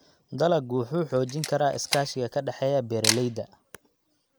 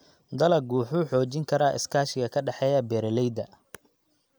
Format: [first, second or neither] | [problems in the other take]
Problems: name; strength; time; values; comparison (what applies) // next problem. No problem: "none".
second | background sound (Camera); 7 dB below the speech